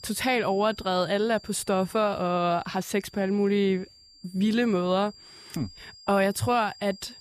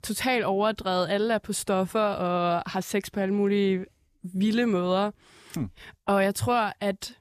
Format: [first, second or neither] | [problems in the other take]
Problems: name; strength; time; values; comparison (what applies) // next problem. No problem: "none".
second | high-pitched whine; faint; throughout; 5 kHz, 20 dB below the speech